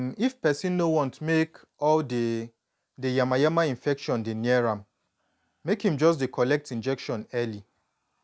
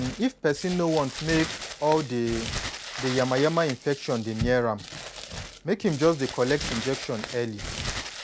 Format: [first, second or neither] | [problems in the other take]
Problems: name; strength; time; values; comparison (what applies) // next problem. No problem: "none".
first | background sound (Crumpling, crinkling); 9 dB below the speech